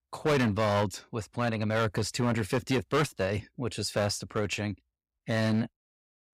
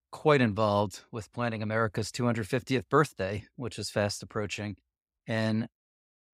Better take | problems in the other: second | distortion; heavy; 8% of the sound clipped

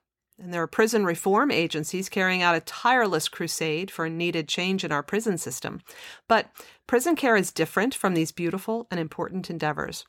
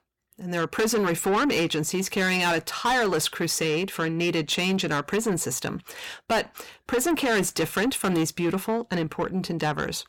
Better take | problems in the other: first | distortion; heavy; 7 dB below the speech

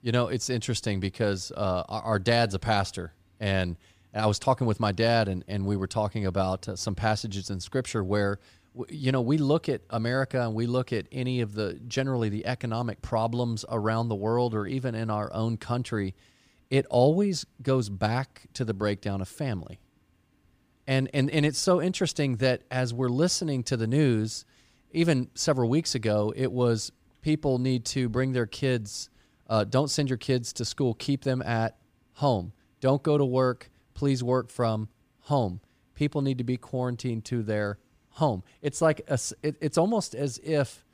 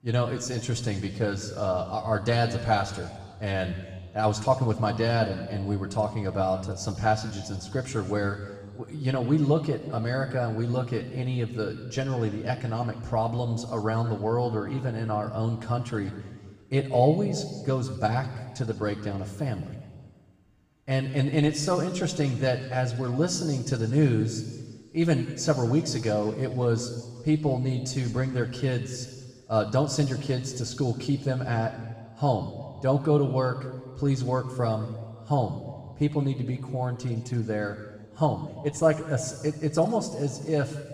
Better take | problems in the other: first | room echo; noticeable; dies away in 1.5 s // off-mic speech; somewhat distant

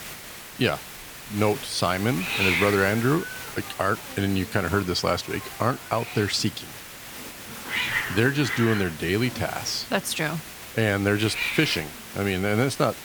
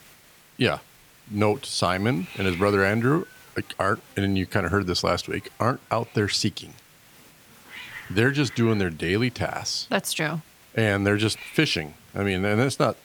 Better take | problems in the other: second | hiss; loud; throughout; 7 dB below the speech; faint in the second

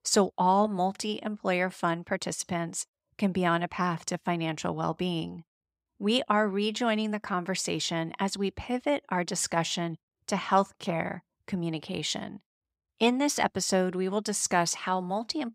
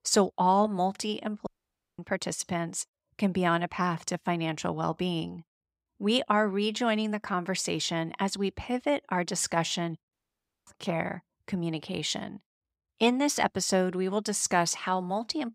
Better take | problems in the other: first | audio cutting out; at 1.5 s for 0.5 s and at 10 s for 0.5 s

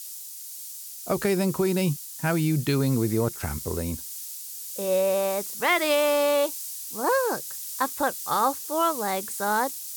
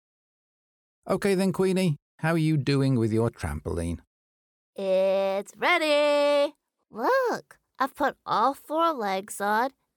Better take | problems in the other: second | hiss; loud; throughout; 8 dB below the speech

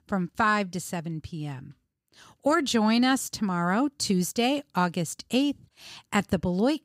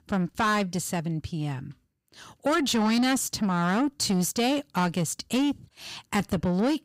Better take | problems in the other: first | distortion; slight; 10 dB below the speech

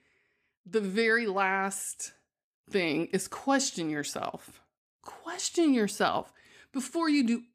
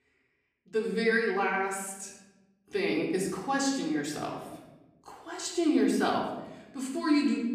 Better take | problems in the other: first | off-mic speech; far // room echo; noticeable; dies away in 0.9 s

